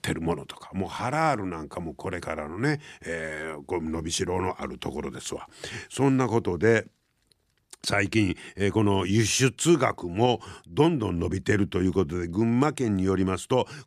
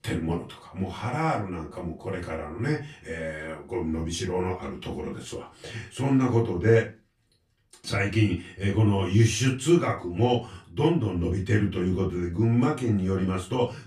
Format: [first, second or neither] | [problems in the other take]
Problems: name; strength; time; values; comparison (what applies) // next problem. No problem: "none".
first | off-mic speech; far // room echo; very slight; dies away in 0.2 s